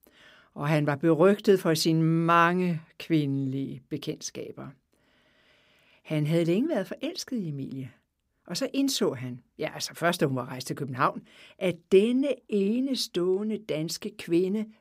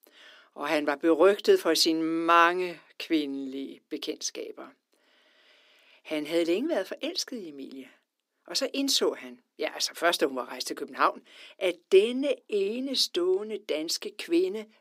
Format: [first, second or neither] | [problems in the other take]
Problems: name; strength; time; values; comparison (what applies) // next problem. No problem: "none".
first | thin; somewhat; fading below 300 Hz